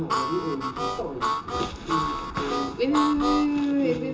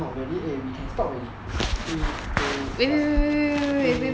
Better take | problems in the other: second | background sound (Harmonica); 2 dB below the speech // room echo; dies away in 0.2 s

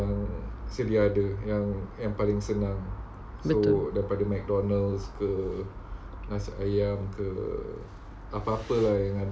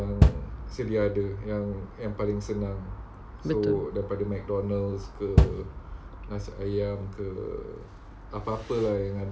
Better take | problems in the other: first | background sound (Bass drum); 2 dB above the speech

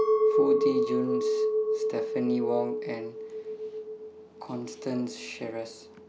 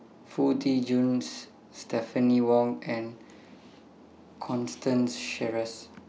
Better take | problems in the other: second | background sound (Chink, clink); 5 dB above the speech

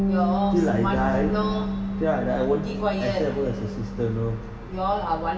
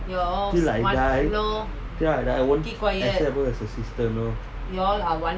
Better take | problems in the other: second | background sound (Bass guitar); 3 dB below the speech // room echo; dies away in 2.7 s

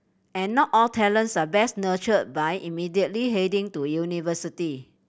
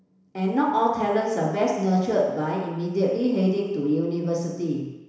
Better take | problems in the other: first | room echo; dies away in 1 s

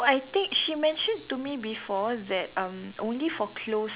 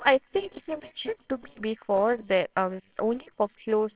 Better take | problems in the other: first | noise reduction (neural separator model SepFormer WHAMR!)

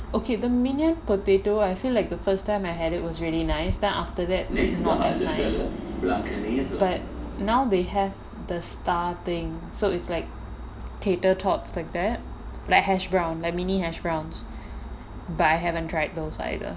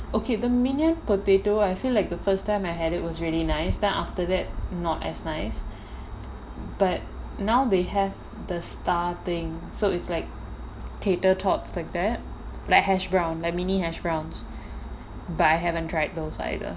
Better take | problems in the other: second | background sound (Train); 1 dB below the speech

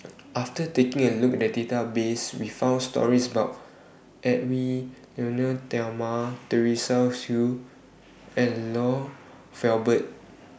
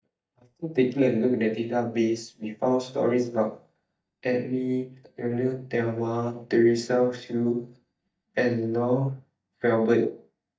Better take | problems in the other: first | noise reduction (neural mask model DeepFilterNet 3)

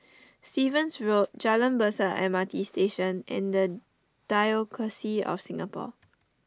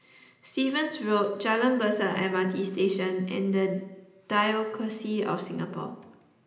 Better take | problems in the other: first | room echo; dies away in 0.9 s

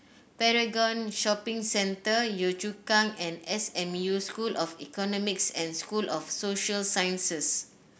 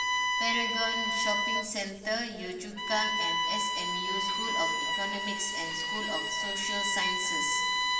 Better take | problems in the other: first | background sound (Bowed string instrument); 5 dB above the speech // room echo; dies away in 2.3 s

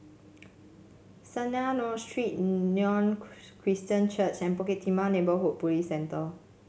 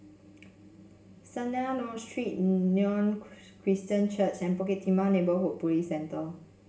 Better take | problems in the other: first | room echo; dies away in 0.4 s

